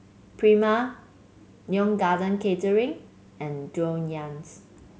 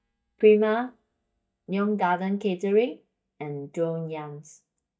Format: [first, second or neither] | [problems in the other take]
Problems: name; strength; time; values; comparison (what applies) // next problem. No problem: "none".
first | noise reduction (neural mask model DeepFilterNet 3)